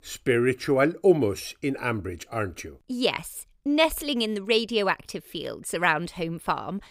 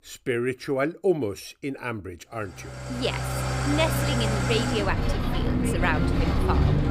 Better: first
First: none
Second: traffic noise; very loud; from 3 s on; 3 dB above the speech

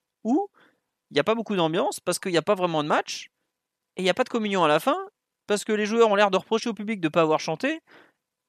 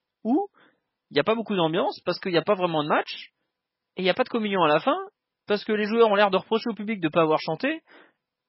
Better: first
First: none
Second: garbled, watery; badly; nothing above 5.5 kHz

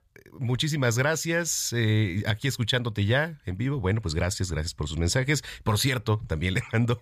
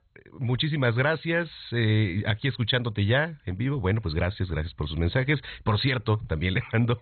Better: first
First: none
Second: garbled, watery; badly; nothing above 4 kHz

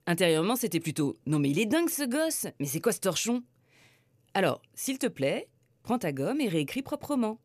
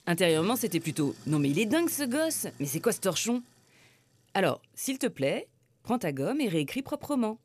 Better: first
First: none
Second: household noises; faint; throughout; 20 dB below the speech

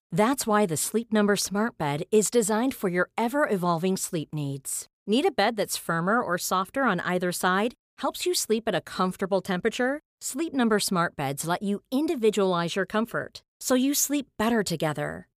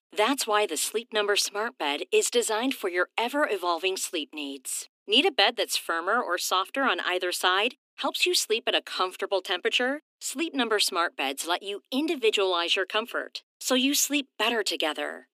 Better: first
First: none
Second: thin; very slightly; fading below 250 Hz

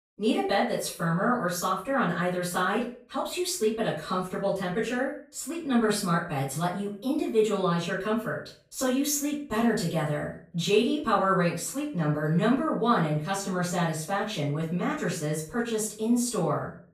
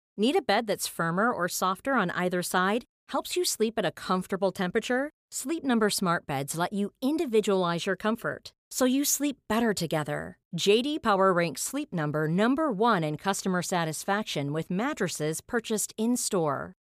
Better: second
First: off-mic speech; far // room echo; noticeable; dies away in 0.4 s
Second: none

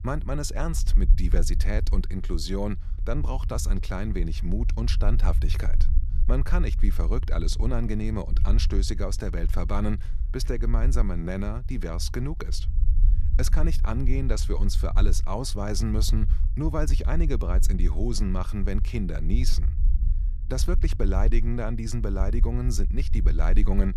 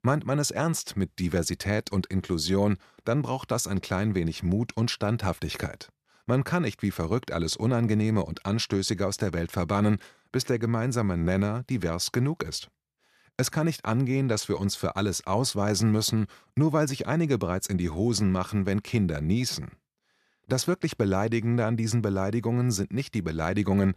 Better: second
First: low rumble; noticeable; throughout; 15 dB below the speech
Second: none

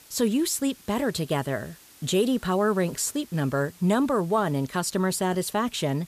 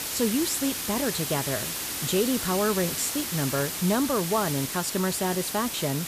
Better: first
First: hiss; faint; throughout; 25 dB below the speech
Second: hiss; loud; throughout; 2 dB below the speech

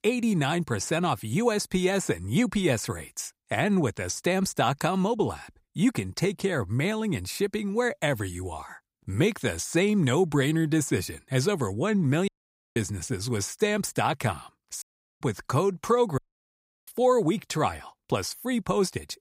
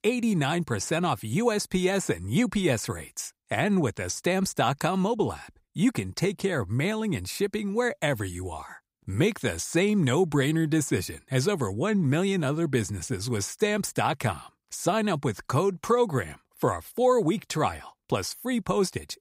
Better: second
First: audio cutting out; at 12 s, at 15 s and at 16 s for 0.5 s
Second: none

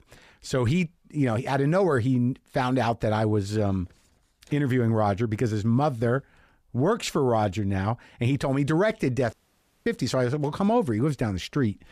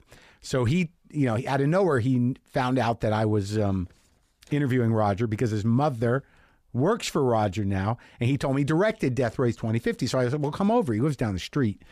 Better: second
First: audio cutting out; at 9.5 s for 0.5 s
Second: none

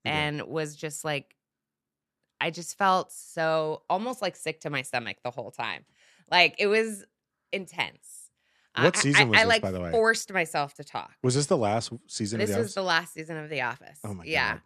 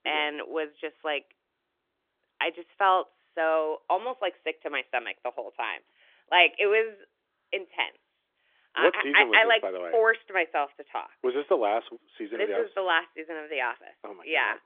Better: first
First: none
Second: phone-call audio; nothing above 3 kHz

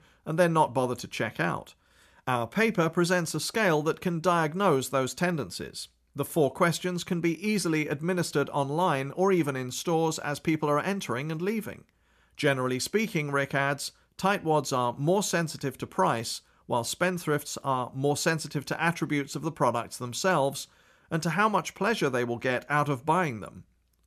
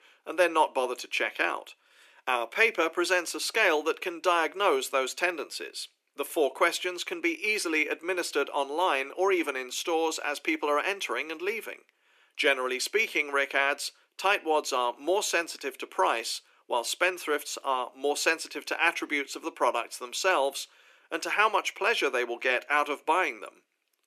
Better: first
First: none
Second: thin; very; fading below 300 Hz

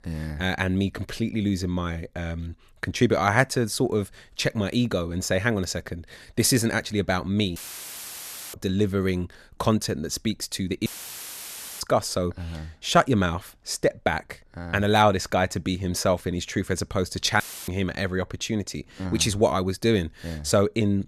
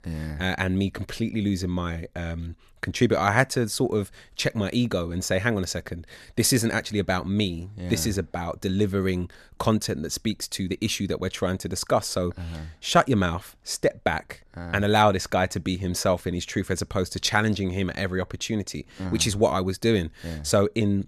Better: second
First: audio cutting out; filled with static; at 7.5 s for 1 s, at 11 s for 1 s and at 17 s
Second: none

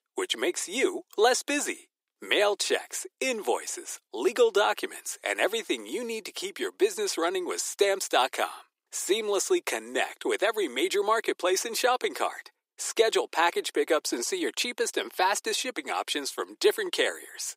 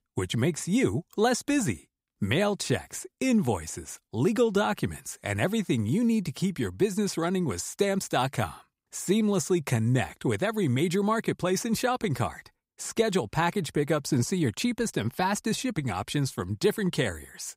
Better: second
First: thin; very; fading below 350 Hz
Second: none

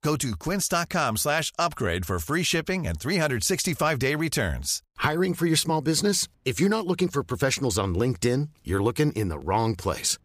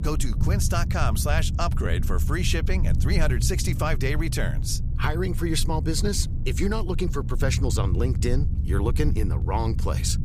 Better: first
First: none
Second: low rumble; noticeable; throughout; 10 dB below the speech

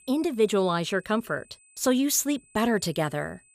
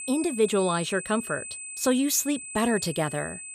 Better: first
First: high-pitched whine; faint; throughout; 8 kHz, 30 dB below the speech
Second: high-pitched whine; loud; throughout; 8 kHz, 9 dB below the speech

